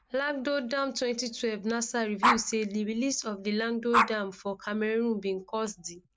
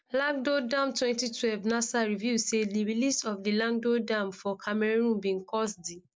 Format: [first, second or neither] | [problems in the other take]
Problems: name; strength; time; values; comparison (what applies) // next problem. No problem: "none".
second | background sound (Dog); 4 dB below the speech